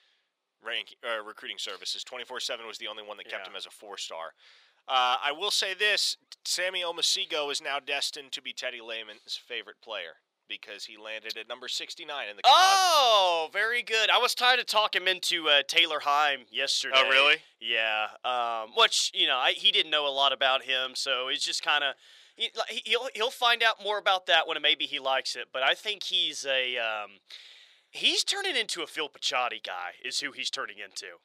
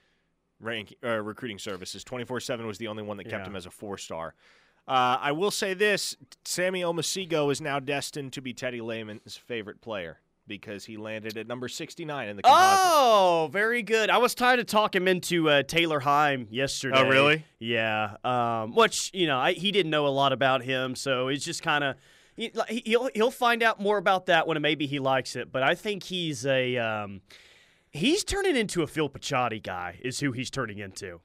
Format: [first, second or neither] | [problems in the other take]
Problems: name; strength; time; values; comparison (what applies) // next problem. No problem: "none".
second | thin; very; fading below 650 Hz